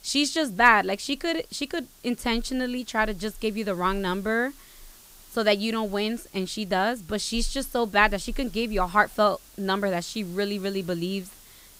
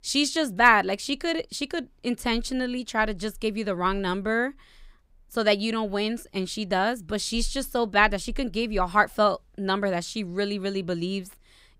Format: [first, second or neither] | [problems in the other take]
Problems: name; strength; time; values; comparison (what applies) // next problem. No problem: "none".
second | hiss; faint; throughout; 25 dB below the speech